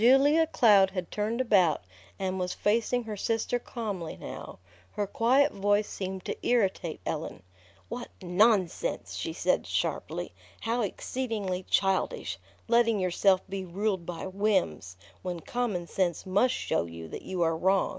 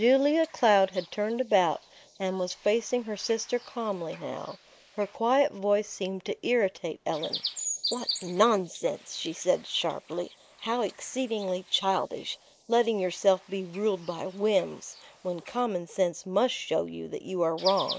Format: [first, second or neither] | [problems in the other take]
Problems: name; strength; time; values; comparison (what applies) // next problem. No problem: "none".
first | noise reduction (neural mask model Resemble Enhance denoiser)